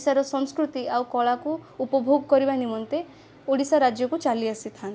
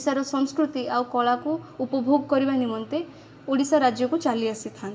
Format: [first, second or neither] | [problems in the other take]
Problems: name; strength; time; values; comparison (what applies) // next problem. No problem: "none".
first | room echo; dies away in 1.1 s